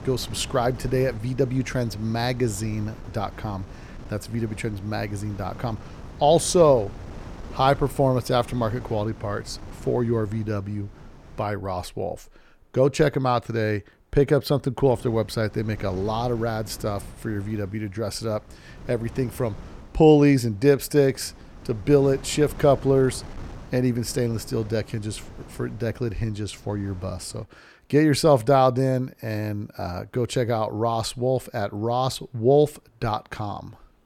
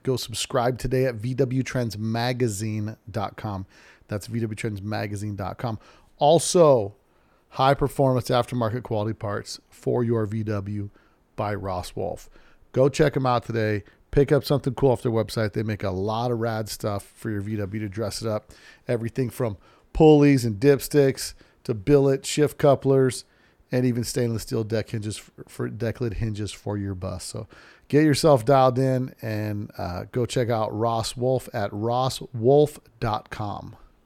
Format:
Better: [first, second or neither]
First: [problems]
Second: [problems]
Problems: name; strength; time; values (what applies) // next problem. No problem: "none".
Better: second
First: wind noise on the microphone; occasional gusts; until 11 s and from 15 to 27 s; 20 dB below the speech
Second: none